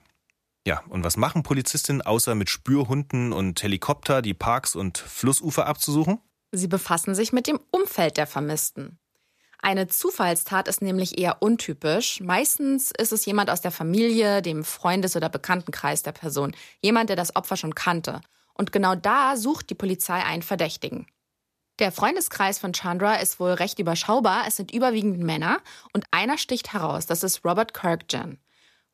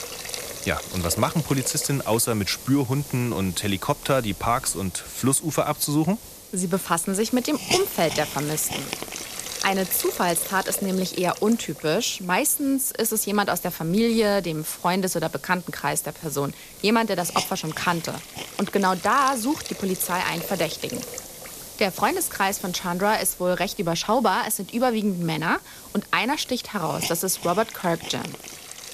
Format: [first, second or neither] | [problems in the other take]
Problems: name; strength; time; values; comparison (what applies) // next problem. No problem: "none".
first | hiss; noticeable; throughout; 10 dB below the speech